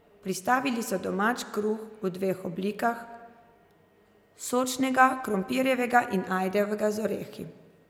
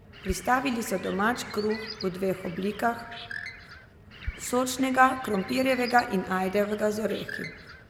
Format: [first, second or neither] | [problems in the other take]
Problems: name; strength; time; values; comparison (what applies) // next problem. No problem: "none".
first | background sound (Bird); 13 dB below the speech